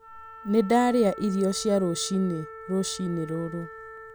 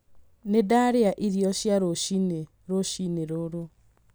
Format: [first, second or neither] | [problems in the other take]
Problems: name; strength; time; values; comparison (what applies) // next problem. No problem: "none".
second | background sound (Wind instrument, woodwind instrument); 16 dB below the speech